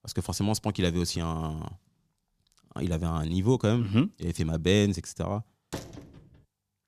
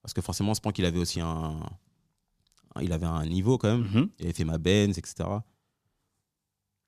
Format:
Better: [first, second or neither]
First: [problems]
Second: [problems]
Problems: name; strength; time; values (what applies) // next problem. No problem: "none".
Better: second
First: door banging; faint; at 5.5 s; peak 10 dB below the speech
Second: none